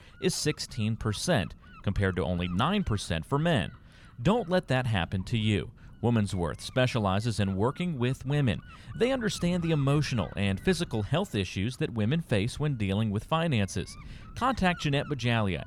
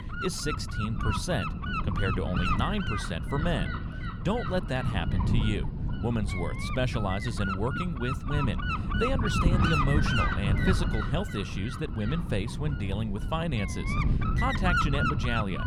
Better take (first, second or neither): first